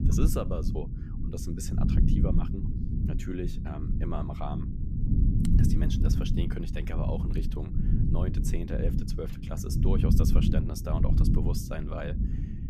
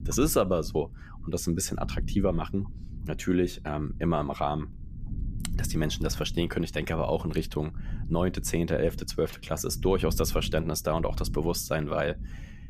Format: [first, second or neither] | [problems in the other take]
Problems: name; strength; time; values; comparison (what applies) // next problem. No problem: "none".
second | low rumble; loud; throughout; 1 dB below the speech; faint in the second